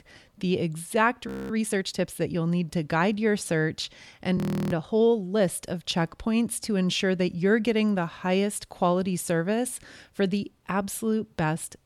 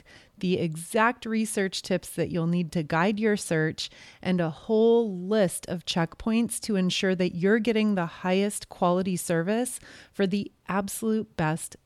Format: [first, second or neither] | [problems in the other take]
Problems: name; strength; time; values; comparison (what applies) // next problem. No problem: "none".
second | audio freezing; at 1.5 s and at 4.5 s